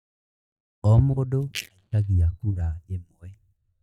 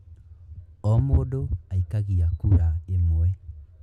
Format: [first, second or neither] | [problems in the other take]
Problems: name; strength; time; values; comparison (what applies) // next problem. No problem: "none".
second | noise reduction (neural mask model DeepFilterNet 3)